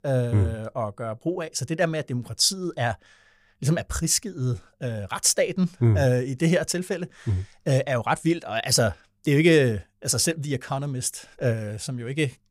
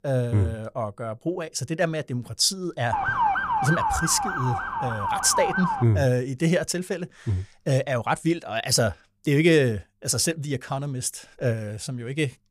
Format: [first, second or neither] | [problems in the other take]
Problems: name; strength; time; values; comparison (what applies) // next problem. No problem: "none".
first | siren; loud; from 3 to 6 s; peak 3 dB above the speech